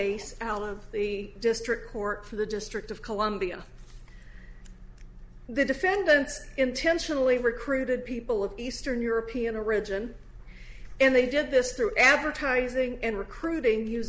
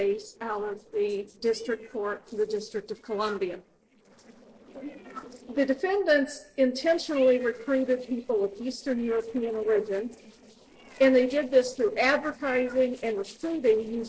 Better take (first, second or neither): first